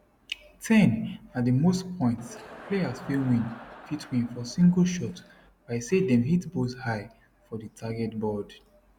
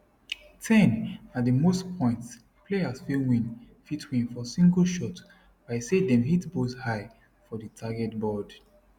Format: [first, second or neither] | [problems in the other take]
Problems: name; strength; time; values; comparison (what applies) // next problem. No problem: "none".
second | background sound (Crowd); 19 dB below the speech